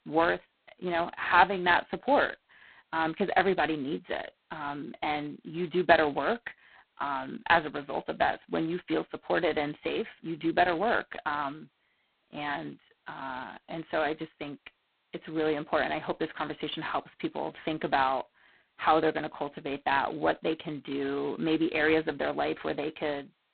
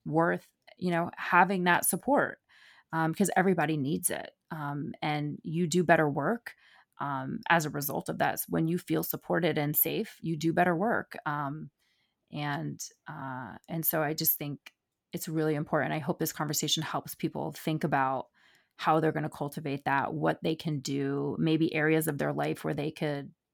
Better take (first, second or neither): second